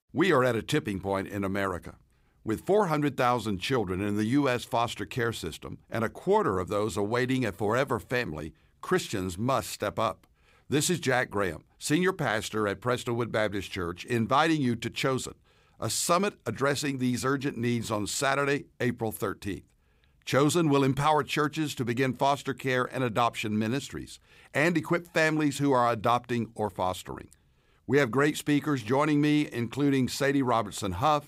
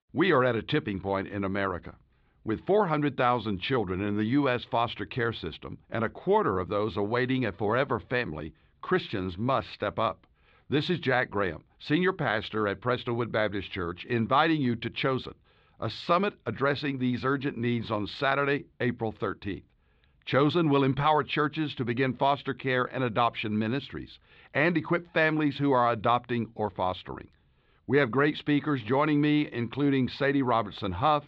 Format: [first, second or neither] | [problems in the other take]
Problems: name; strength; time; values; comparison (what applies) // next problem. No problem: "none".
first | muffled; slightly; fading above 4 kHz